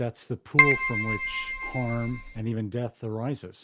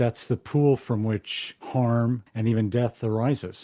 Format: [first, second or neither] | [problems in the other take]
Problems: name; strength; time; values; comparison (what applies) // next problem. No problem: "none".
second | background sound (Keyboard (musical)); 5 dB above the speech